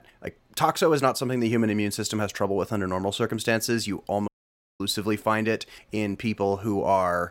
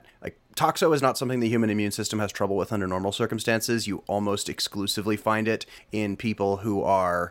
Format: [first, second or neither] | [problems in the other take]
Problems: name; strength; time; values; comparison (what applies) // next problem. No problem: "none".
second | audio cutting out; at 4.5 s for 0.5 s